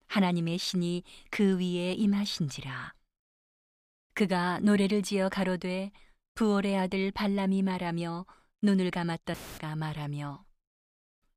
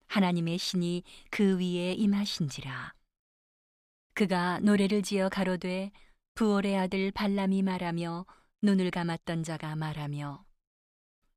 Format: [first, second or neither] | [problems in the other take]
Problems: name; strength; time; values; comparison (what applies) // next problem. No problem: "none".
second | audio cutting out; filled with static; at 9.5 s